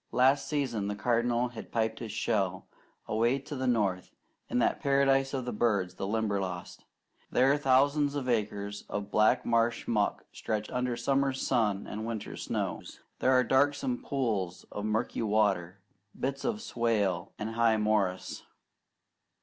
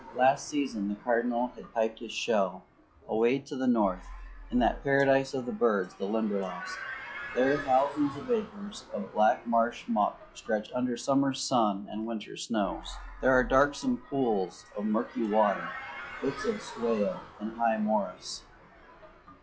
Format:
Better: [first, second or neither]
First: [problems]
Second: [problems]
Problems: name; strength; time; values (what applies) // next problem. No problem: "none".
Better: first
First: none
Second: noise reduction (classical method log-MMSE)